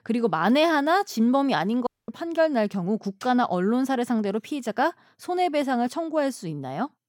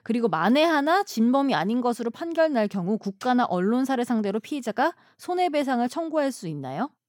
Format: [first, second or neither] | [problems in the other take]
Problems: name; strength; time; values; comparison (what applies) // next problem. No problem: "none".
second | audio cutting out; at 2 s